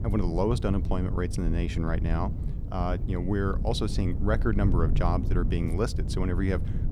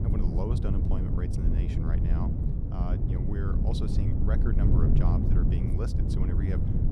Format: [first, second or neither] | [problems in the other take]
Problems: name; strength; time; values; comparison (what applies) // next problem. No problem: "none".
first | wind noise on the microphone; heavy; 2 dB above the speech; occasional gusts in the first